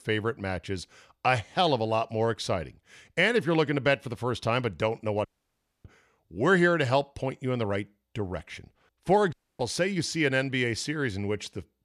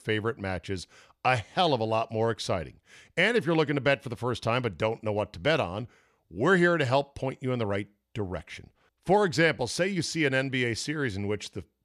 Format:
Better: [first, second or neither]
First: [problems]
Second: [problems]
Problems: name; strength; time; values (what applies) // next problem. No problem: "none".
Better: second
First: audio cutting out; at 5.5 s for 0.5 s and at 9.5 s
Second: none